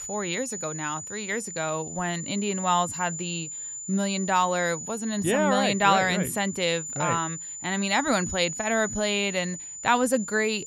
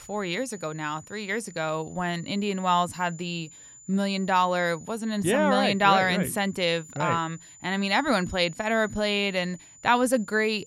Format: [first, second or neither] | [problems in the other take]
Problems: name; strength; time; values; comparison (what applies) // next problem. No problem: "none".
second | high-pitched whine; loud; throughout; 7 kHz, 8 dB below the speech; faint in the second